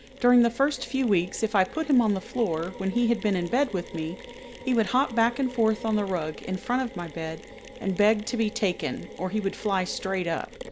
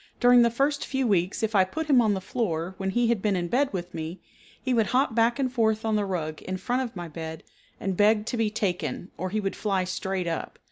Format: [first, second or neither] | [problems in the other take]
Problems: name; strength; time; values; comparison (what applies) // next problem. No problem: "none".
second | background sound (Mechanisms); 17 dB below the speech